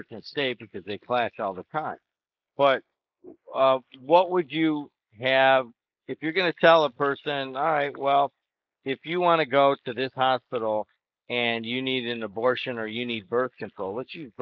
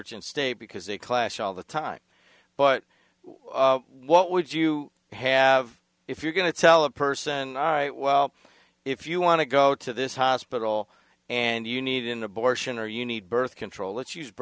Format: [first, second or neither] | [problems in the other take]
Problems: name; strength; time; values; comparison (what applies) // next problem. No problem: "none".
second | noise reduction (neural mask model Resemble Enhance denoiser)